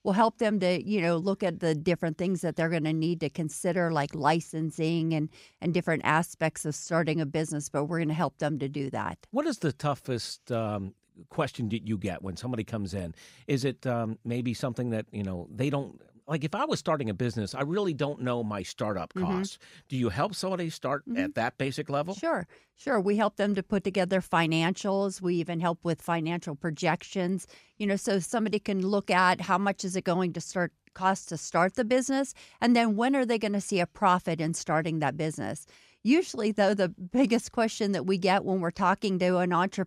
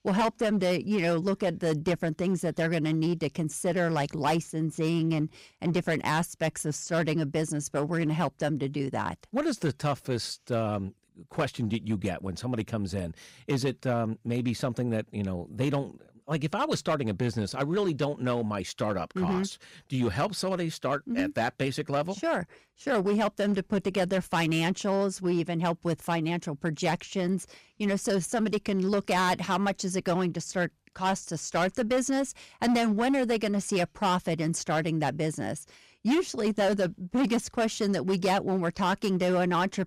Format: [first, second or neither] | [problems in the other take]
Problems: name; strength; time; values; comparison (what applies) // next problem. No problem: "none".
first | distortion; slight; 7% of the sound clipped